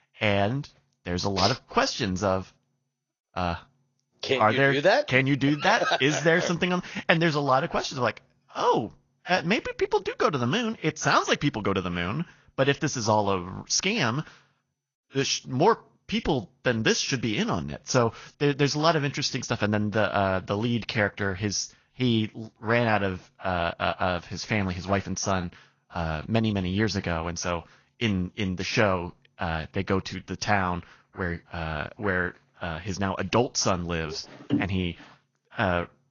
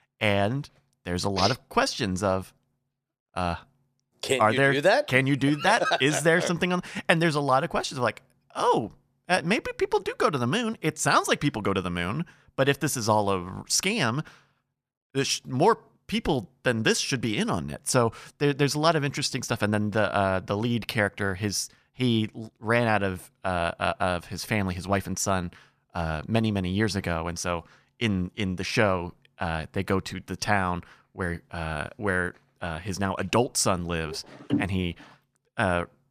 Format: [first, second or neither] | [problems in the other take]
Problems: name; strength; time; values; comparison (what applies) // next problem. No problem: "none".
second | garbled, watery; slightly; nothing above 6.5 kHz